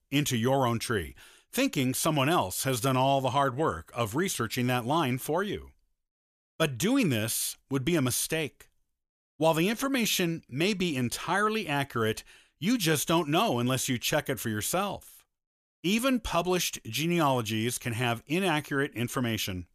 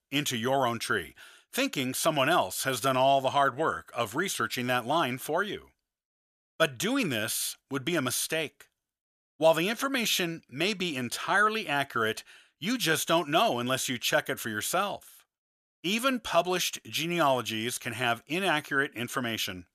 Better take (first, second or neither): first